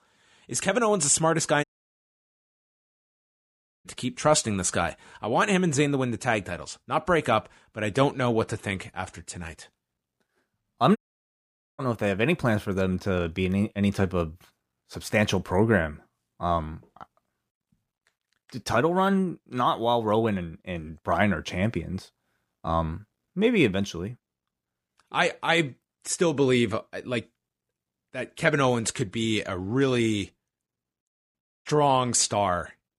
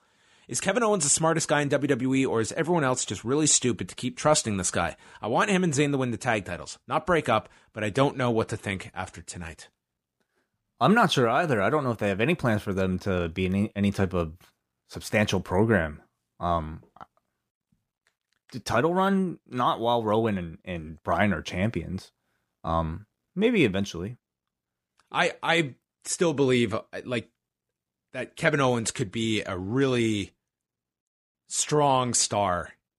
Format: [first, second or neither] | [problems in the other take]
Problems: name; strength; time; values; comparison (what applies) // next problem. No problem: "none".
second | audio cutting out; at 1.5 s for 2 s, at 11 s for 1 s and at 31 s